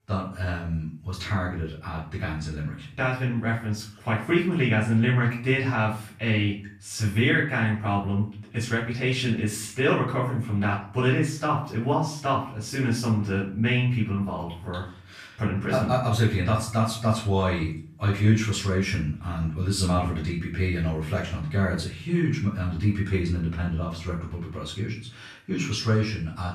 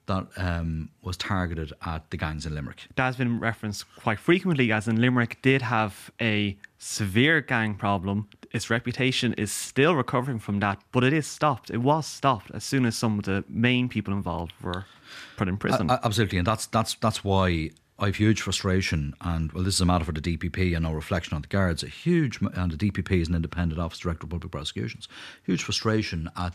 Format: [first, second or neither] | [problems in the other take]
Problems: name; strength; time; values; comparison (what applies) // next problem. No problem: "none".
second | off-mic speech; far // room echo; noticeable; dies away in 0.4 s